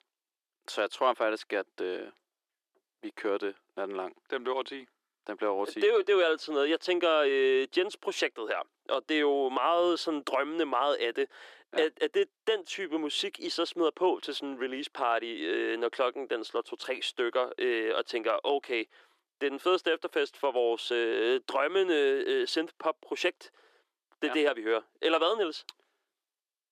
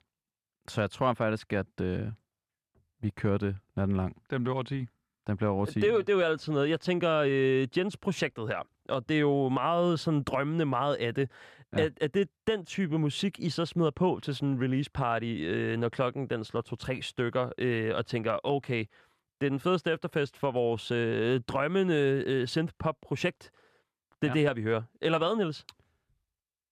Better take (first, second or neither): second